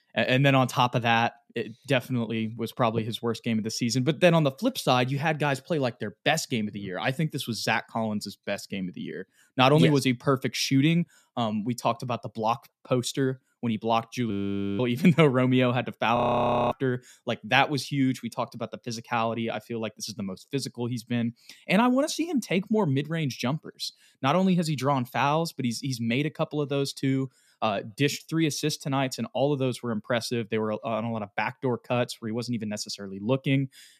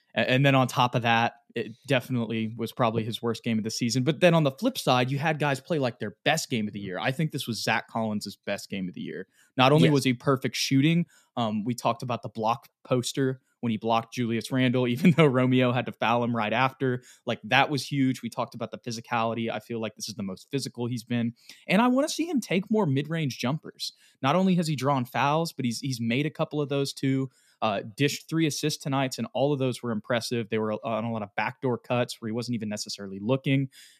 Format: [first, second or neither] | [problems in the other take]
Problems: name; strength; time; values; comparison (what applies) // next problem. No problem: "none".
second | audio freezing; at 14 s and at 16 s for 0.5 s